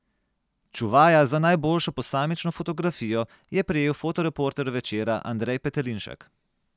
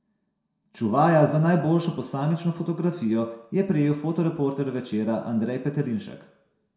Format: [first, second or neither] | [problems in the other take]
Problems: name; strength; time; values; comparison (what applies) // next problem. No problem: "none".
first | room echo; dies away in 0.5 s